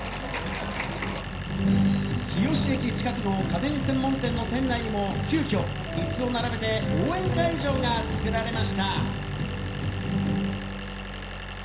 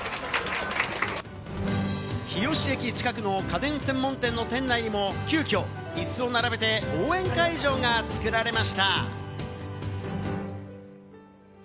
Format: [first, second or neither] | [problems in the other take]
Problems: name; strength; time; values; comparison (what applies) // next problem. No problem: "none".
second | background sound (Idling); 9 dB below the speech // room echo; dies away in 0.5 s